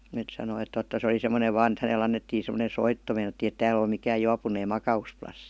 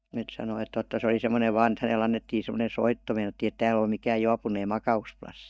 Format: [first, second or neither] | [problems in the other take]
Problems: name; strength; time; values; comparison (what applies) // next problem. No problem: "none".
first | noise reduction (neural mask model DeepFilterNet 3)